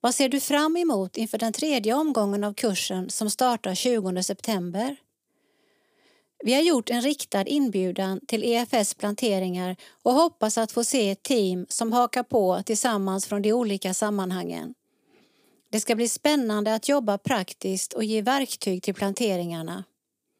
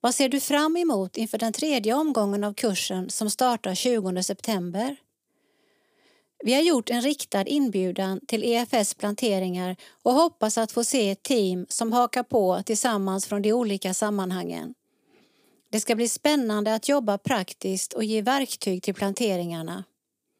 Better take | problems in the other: neither | none

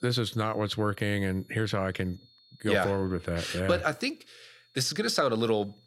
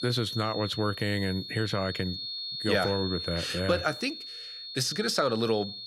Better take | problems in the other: first | high-pitched whine; loud; throughout; 4.5 kHz, 6 dB below the speech; faint in the first

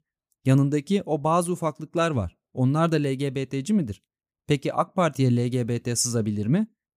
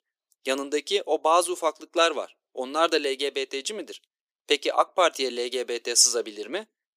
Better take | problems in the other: first | thin; very; fading below 350 Hz

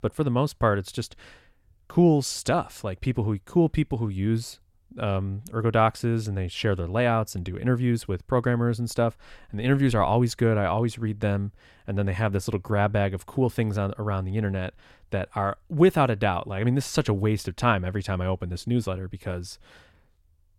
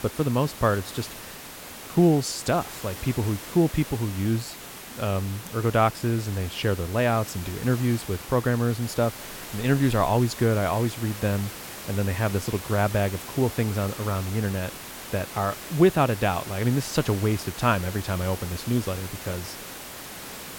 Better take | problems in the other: first | hiss; noticeable; throughout; 10 dB below the speech

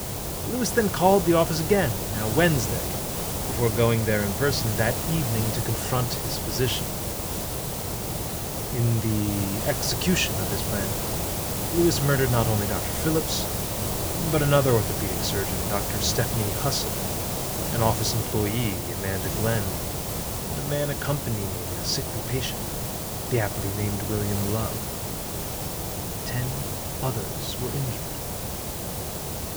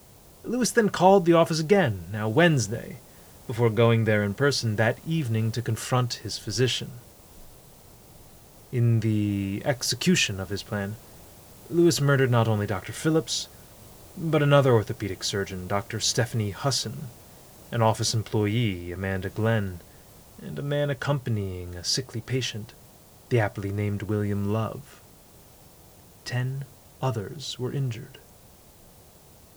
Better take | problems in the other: second | hiss; loud; throughout; 2 dB below the speech; faint in the second

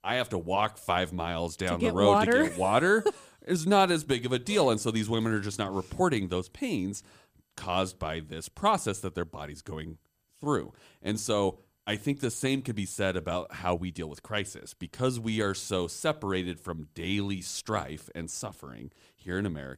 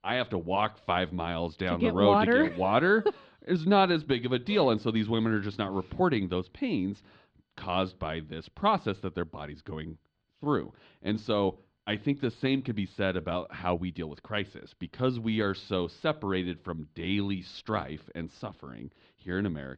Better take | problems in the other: first | muffled; slightly; fading above 4 kHz

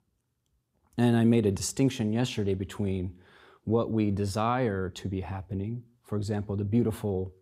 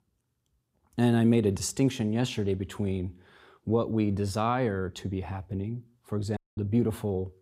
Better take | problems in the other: first | audio cutting out; at 6.5 s

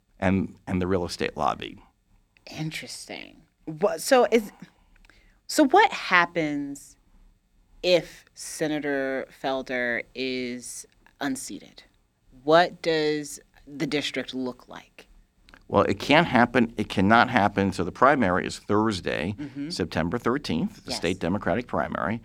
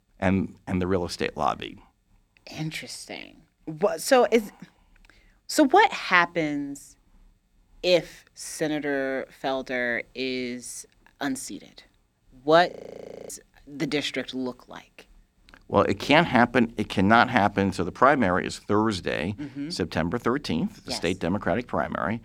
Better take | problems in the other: first | audio freezing; at 13 s for 0.5 s

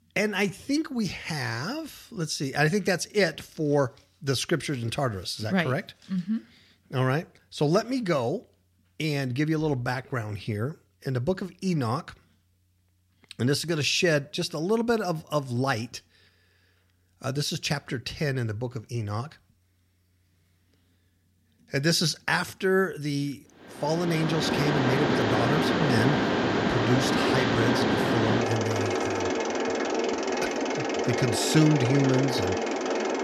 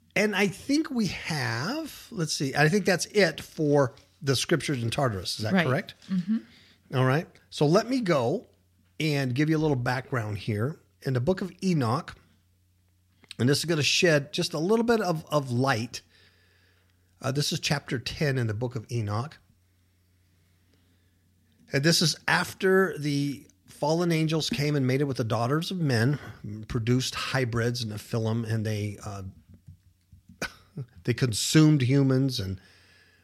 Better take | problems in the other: second | machinery noise; very loud; from 24 s on; 1 dB above the speech

